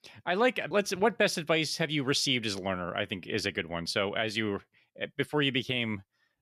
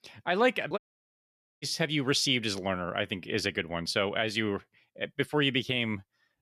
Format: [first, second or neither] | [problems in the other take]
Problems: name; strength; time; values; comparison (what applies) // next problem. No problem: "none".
first | audio cutting out; at 1 s for 1 s